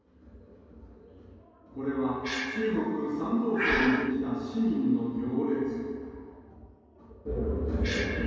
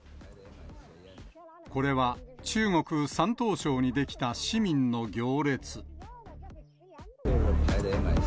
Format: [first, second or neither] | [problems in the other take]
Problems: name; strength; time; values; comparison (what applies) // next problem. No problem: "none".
second | background sound (Breathing); 8 dB below the speech // room echo; dies away in 2.2 s